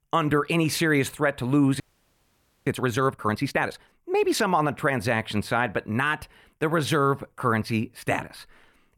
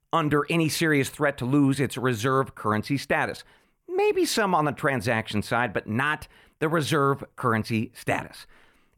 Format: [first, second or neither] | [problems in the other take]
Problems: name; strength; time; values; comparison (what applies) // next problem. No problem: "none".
second | audio freezing; at 2 s for 1 s